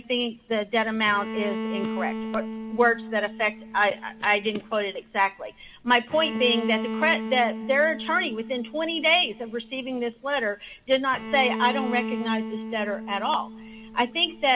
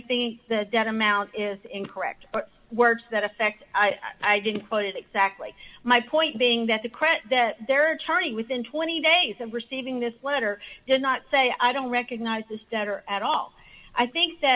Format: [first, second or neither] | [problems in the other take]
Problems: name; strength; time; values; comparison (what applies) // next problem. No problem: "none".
second | background sound (Bowed string instrument); 9 dB below the speech